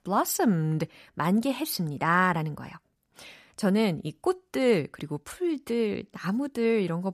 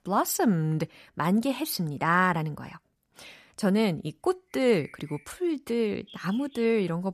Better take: first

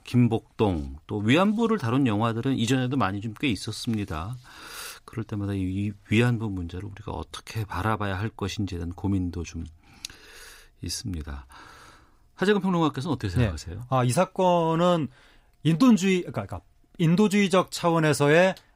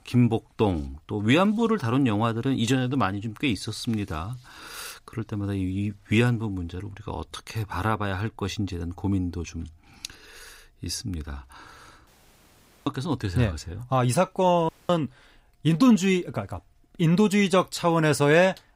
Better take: first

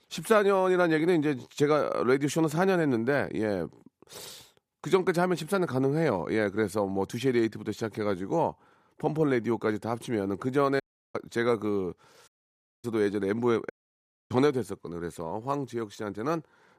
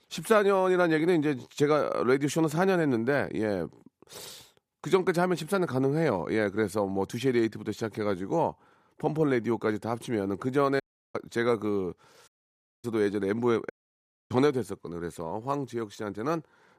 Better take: neither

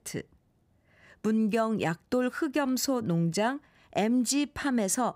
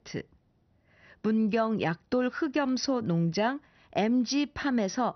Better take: first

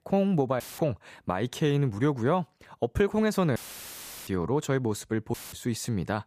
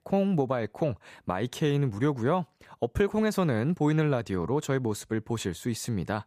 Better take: second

